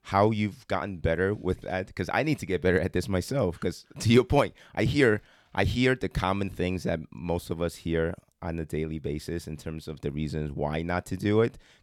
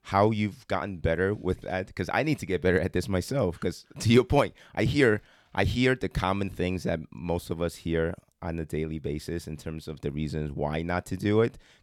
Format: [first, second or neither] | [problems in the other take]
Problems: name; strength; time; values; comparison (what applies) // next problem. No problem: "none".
neither | none